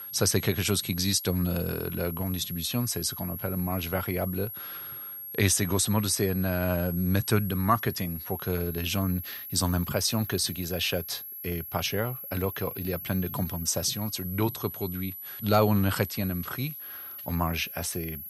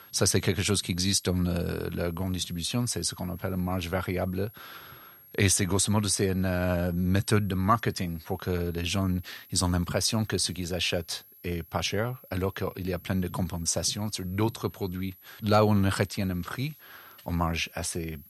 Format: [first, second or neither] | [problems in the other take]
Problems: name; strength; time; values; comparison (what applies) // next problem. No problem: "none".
second | high-pitched whine; loud; throughout; 11.5 kHz, 8 dB below the speech; faint in the second